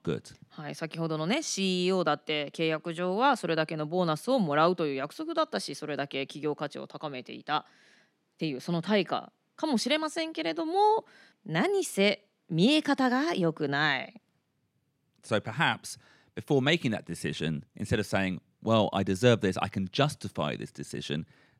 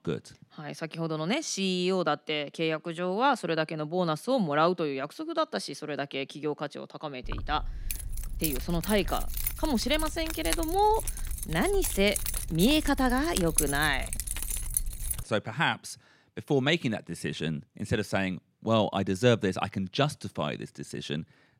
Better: first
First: none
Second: jangling keys; loud; from 7.5 to 15 s; peak 2 dB above the speech

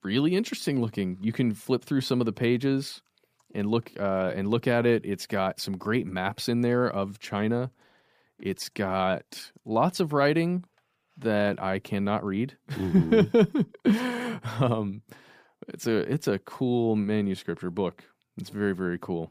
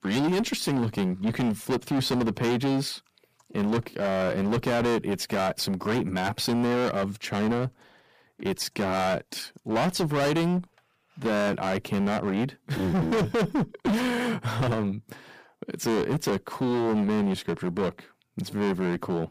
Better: first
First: none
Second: distortion; heavy; 22% of the sound clipped

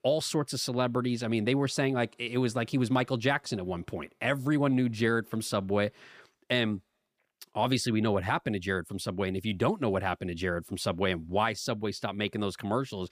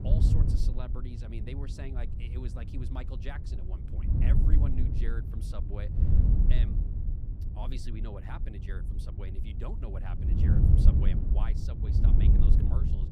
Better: first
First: none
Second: wind noise on the microphone; heavy; 2 dB above the speech

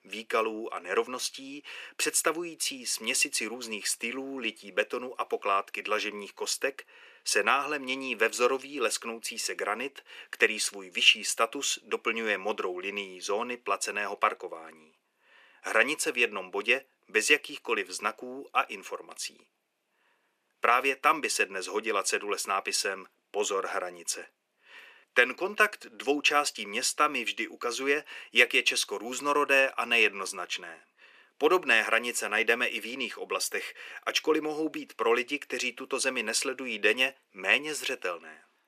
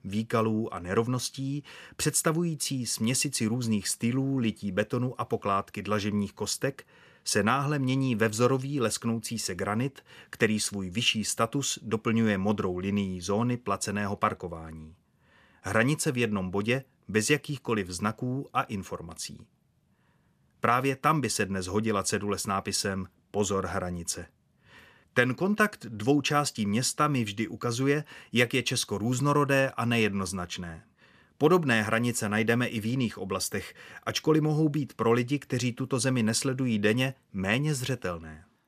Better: second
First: thin; very; fading below 350 Hz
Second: none

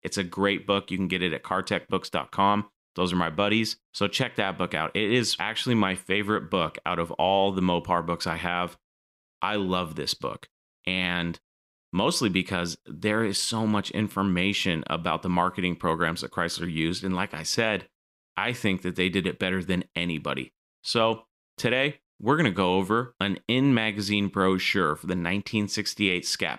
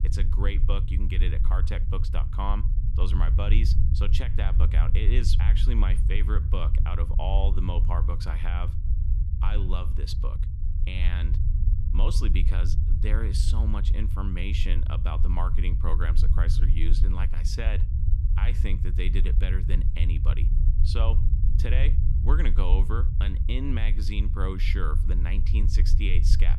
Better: first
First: none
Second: low rumble; loud; throughout; 7 dB below the speech

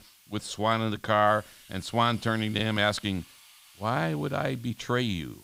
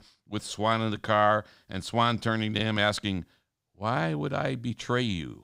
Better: second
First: hiss; faint; throughout; 25 dB below the speech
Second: none

